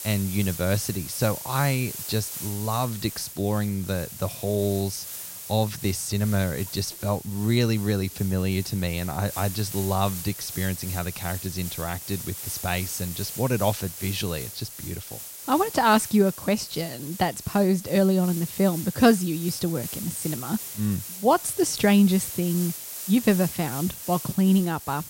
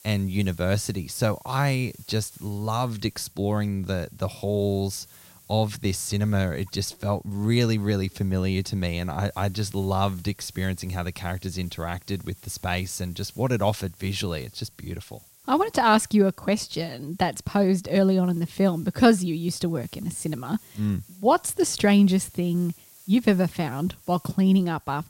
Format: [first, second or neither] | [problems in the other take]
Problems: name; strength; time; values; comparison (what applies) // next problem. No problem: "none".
second | hiss; loud; throughout; 9 dB below the speech; faint in the second